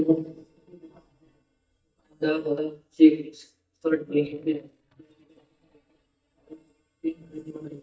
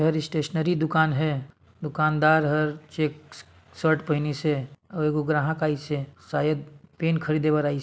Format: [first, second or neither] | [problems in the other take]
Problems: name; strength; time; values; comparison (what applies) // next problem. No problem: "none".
second | noise reduction (neural mask model DeepFilterNet 3)